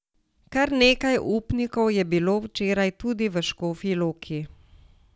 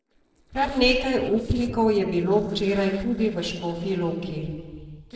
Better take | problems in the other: first | noise reduction (neural separator model SepFormer DNS4)

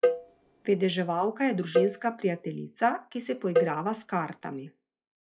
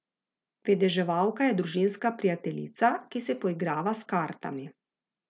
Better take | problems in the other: second | noise reduction (classical method log-MMSE)

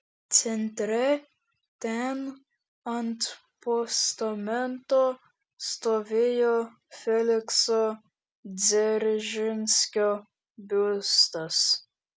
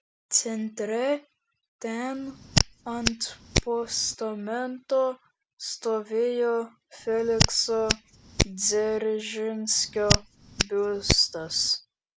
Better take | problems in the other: first | background sound (Hands); 1 dB below the speech

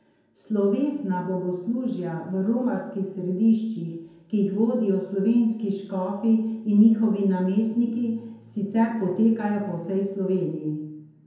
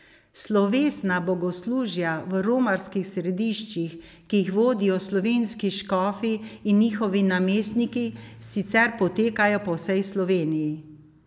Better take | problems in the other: second | room echo; dies away in 0.9 s

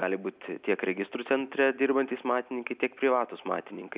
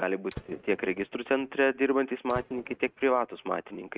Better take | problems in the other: first | noise reduction (neural mask model RNNoise)

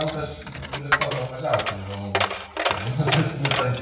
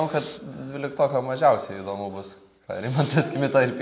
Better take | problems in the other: second | background sound (Coin (dropping)); as loud as the speech // room echo; dies away in 0.6 s

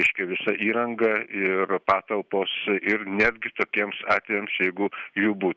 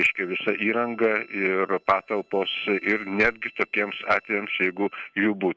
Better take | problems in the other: first | noise reduction (neural separator model SepFormer DNS4)

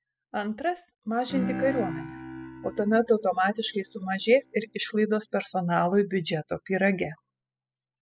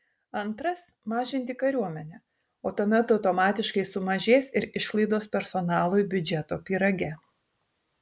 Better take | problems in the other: second | noise reduction (classical method spectral subtraction)

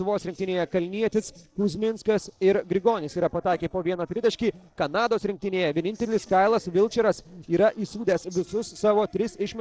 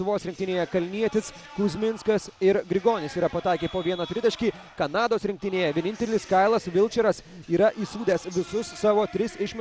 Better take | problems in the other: second | noise reduction (neural separator model SepFormer DNS4)

